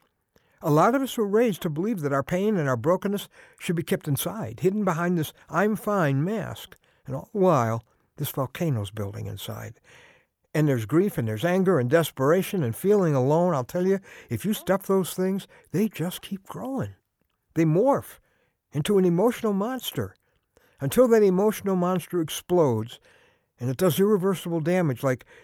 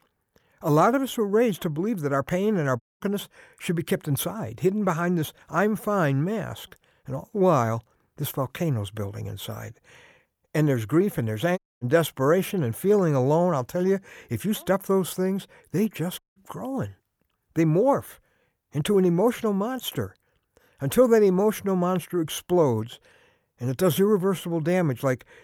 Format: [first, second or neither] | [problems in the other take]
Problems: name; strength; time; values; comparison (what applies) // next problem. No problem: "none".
first | audio cutting out; at 3 s, at 12 s and at 16 s